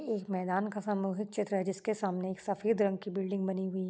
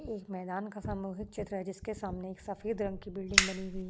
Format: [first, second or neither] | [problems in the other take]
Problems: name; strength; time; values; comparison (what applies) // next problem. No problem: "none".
first | background sound (Fire); 1 dB above the speech